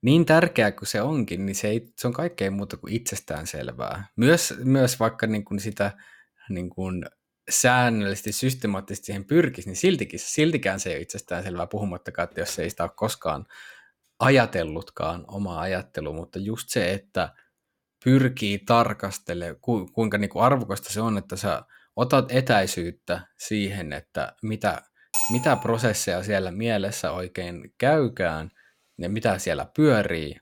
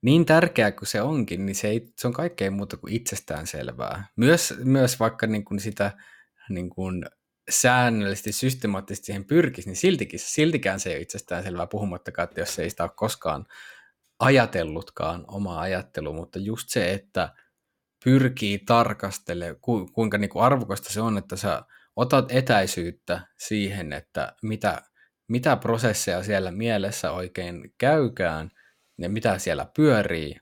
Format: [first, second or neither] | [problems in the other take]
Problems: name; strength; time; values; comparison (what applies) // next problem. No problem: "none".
second | clattering dishes; loud; at 25 s; peak 2 dB above the speech